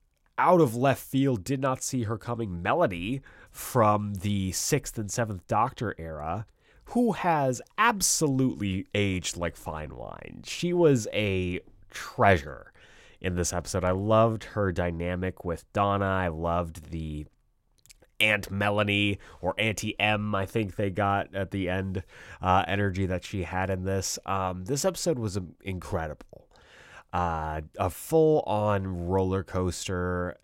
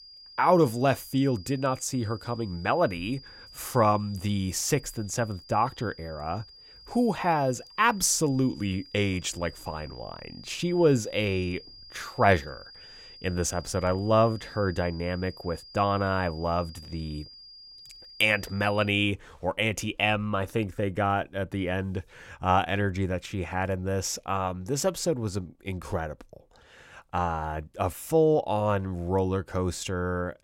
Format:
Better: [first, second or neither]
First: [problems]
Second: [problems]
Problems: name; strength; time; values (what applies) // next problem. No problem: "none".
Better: first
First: none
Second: high-pitched whine; noticeable; until 19 s; 5 kHz, 20 dB below the speech